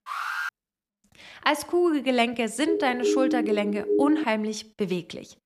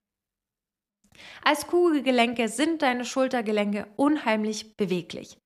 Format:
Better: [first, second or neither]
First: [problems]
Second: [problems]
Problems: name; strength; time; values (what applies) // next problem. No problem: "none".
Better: second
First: alarm; noticeable; at the start; peak 3 dB below the speech // siren; loud; from 2.5 to 4 s; peak 1 dB above the speech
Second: none